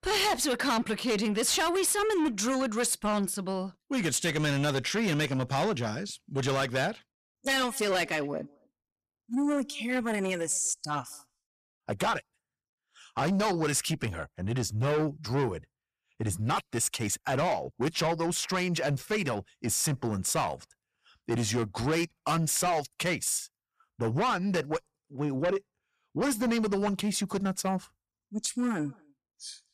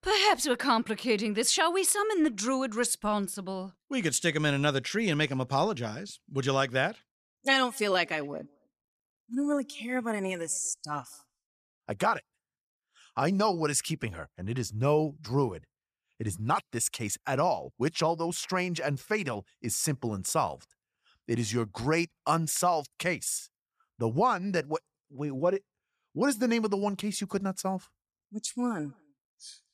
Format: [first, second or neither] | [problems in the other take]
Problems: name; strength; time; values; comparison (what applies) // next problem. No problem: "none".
second | distortion; heavy; 7 dB below the speech